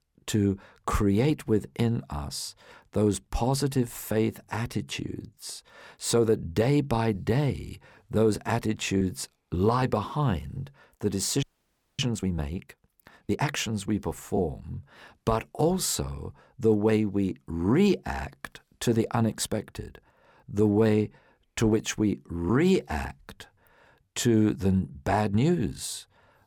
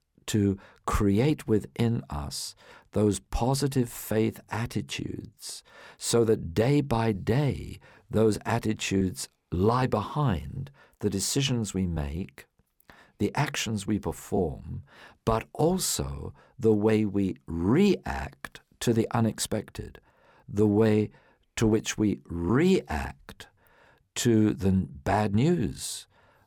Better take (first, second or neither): second